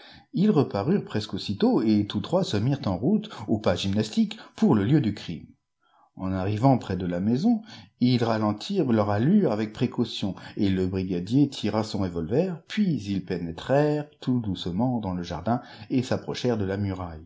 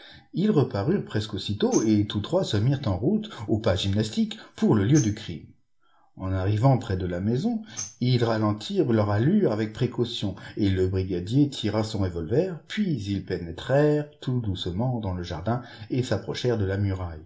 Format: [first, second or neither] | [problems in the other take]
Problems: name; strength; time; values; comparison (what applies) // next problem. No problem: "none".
first | background sound (Tambourine); 18 dB below the speech // room echo; dies away in 0.2 s